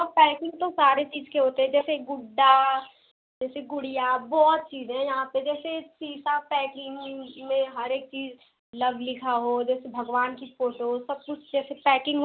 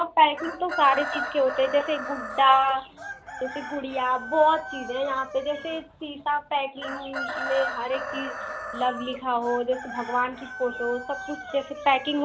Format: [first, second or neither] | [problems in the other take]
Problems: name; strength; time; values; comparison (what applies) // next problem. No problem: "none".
first | background sound (Chicken, rooster); 10 dB below the speech